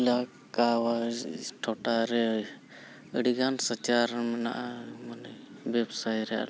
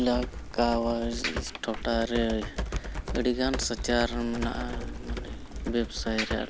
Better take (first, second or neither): first